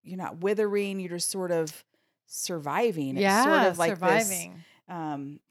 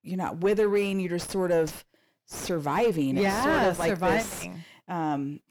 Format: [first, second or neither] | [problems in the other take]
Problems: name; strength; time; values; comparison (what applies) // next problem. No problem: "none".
first | distortion; heavy; 4 dB below the speech